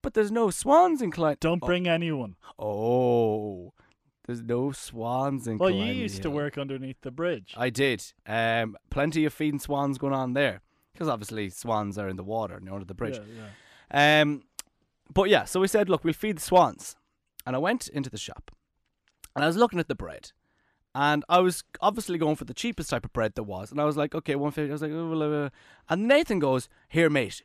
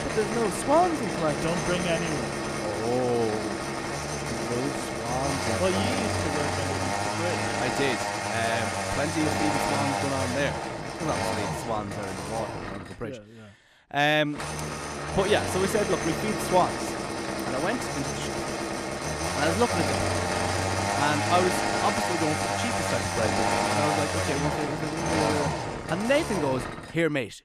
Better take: first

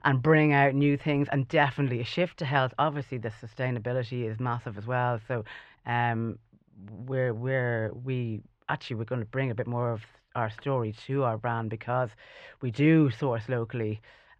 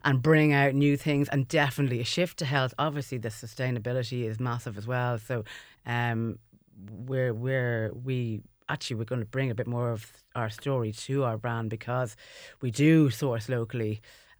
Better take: second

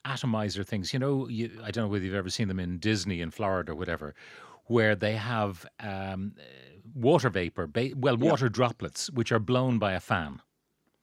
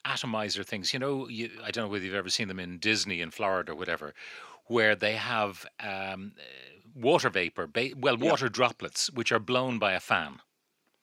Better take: first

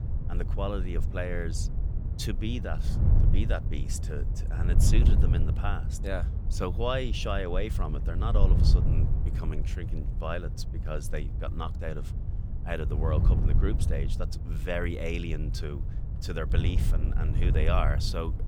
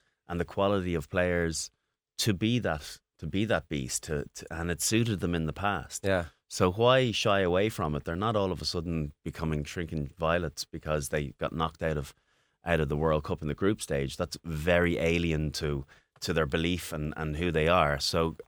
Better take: second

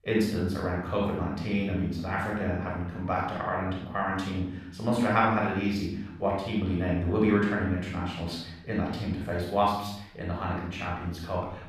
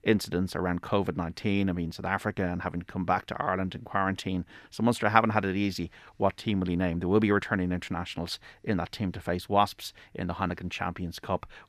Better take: second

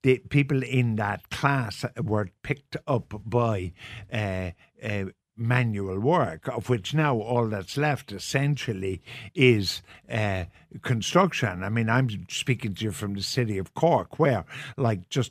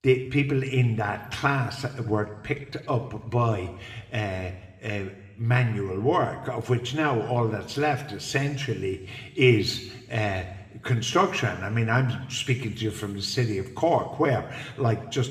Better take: first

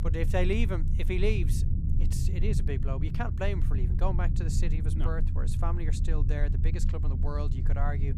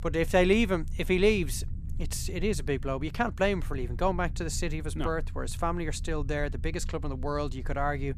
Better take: second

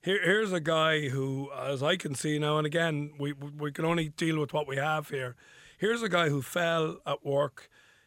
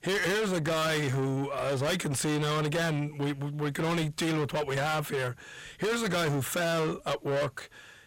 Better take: first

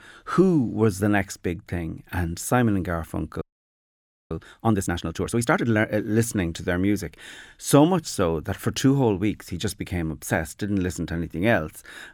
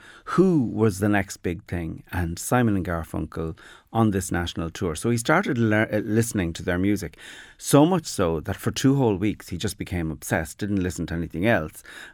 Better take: second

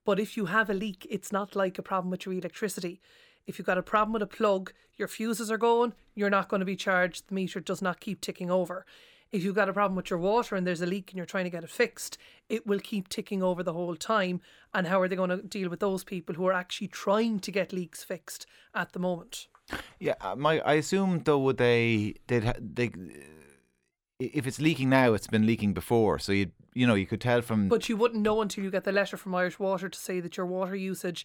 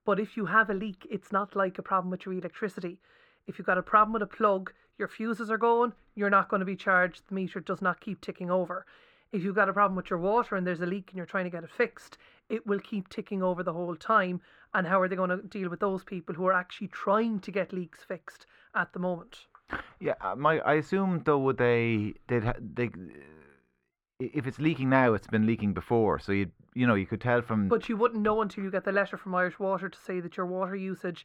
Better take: first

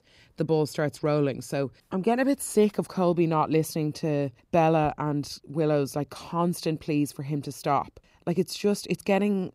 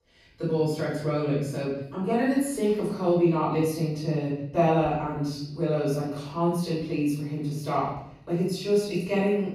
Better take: first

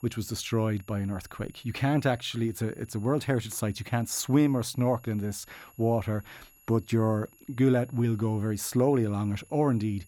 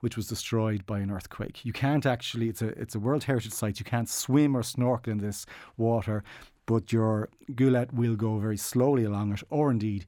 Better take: second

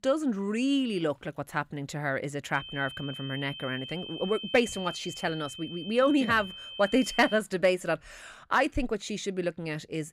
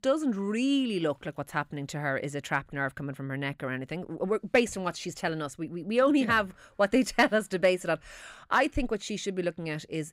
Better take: second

